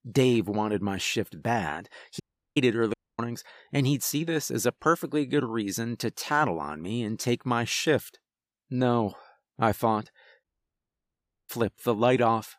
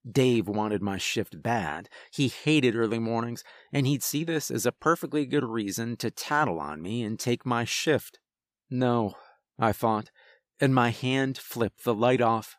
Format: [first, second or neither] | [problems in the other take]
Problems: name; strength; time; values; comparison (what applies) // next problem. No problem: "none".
second | audio cutting out; at 2 s, at 3 s and at 10 s for 1 s